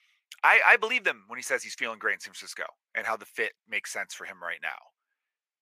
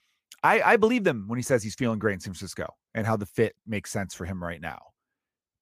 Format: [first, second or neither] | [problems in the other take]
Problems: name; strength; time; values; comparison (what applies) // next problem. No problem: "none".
second | thin; very; fading below 700 Hz